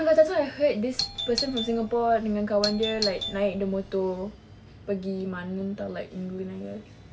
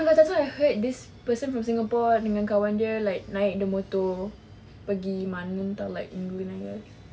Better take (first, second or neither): second